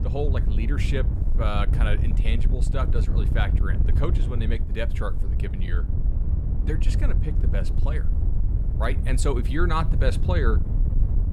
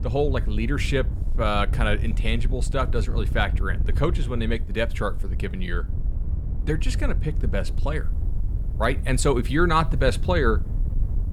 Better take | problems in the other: second | wind noise on the microphone; heavy; 8 dB below the speech; occasional gusts in the second

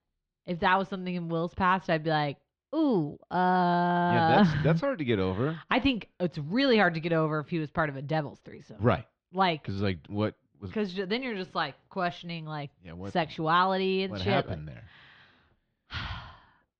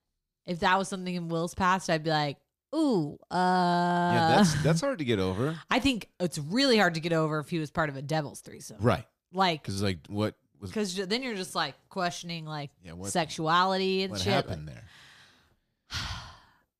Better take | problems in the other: second | muffled; slightly; fading above 3.5 kHz

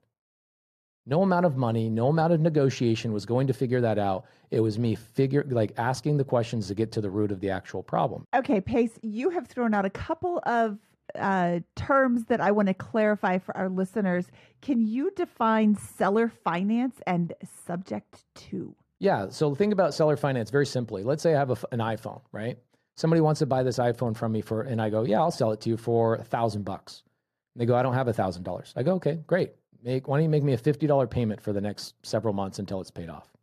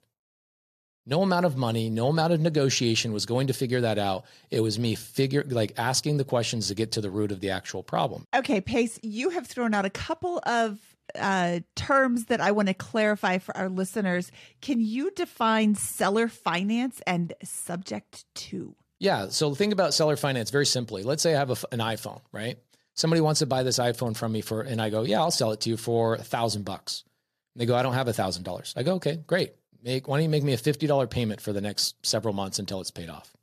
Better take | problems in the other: second | muffled; slightly; fading above 2.5 kHz

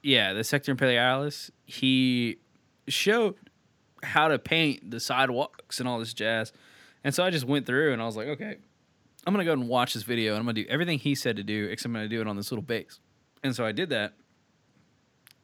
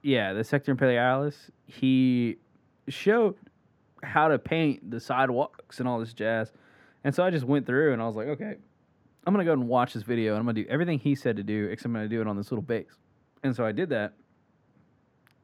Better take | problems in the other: first | muffled; very; fading above 2.5 kHz

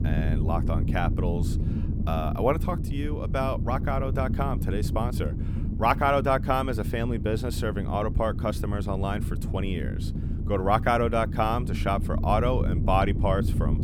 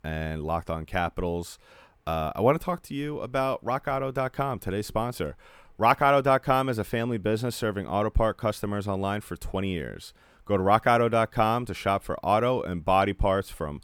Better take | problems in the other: second | low rumble; noticeable; throughout; 15 dB below the speech

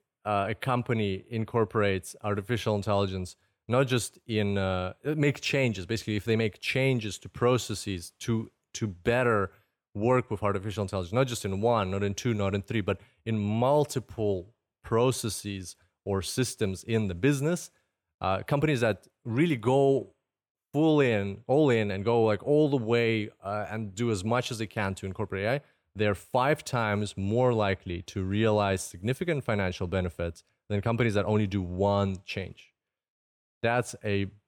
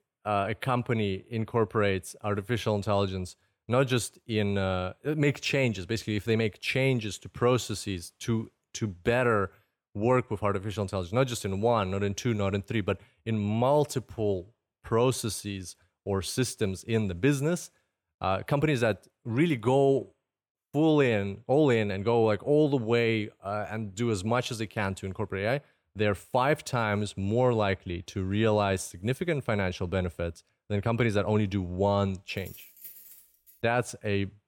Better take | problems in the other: first | jangling keys; faint; from 32 to 34 s; peak 15 dB below the speech

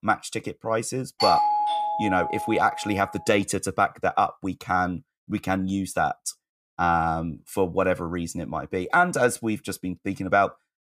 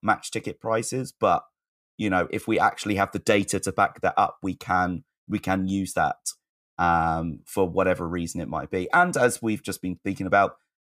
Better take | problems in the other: second | doorbell; loud; from 1 to 3 s; peak 4 dB above the speech

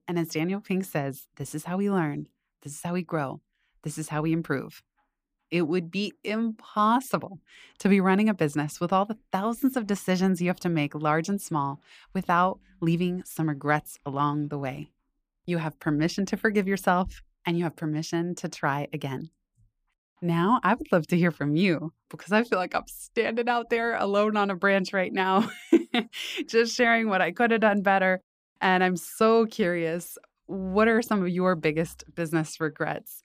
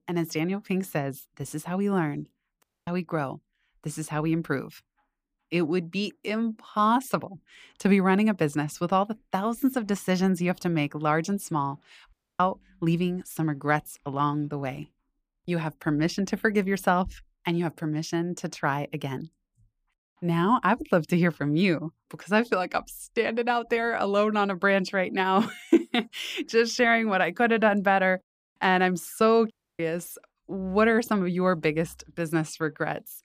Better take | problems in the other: first | audio cutting out; at 2.5 s, at 12 s and at 30 s

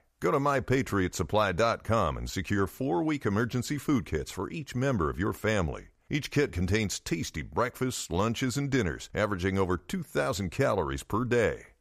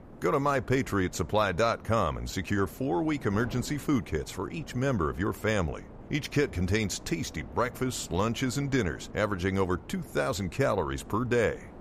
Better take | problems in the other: first | wind noise on the microphone; occasional gusts; 20 dB below the speech

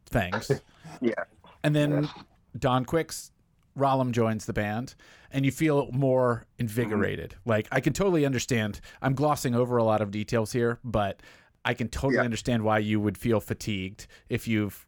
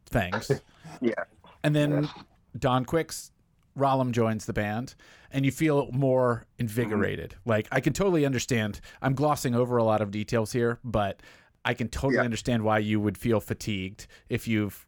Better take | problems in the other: neither | none

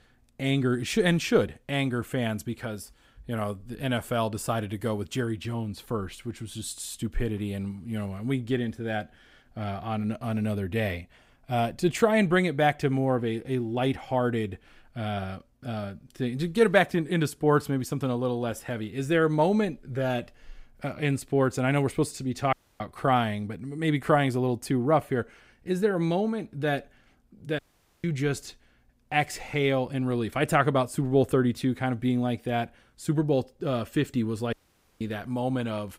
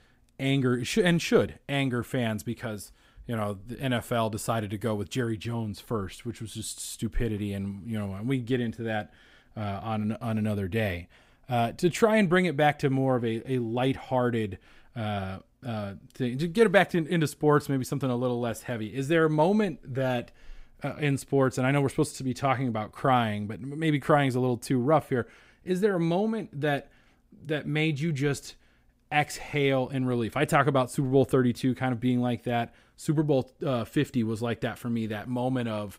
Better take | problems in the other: second | audio cutting out; at 23 s, at 28 s and at 35 s

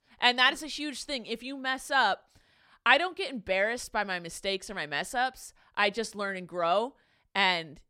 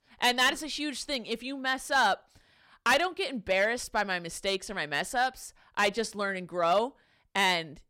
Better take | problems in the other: first | distortion; slight; 3% of the sound clipped

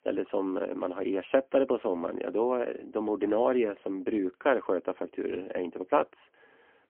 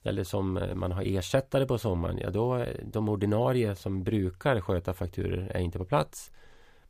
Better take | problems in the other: second | phone-call audio; poor line; nothing above 3 kHz

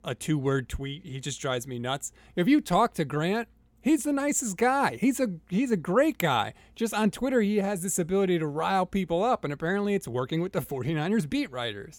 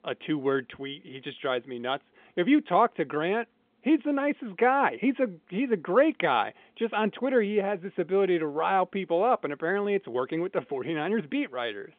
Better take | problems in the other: first | phone-call audio; nothing above 3.5 kHz

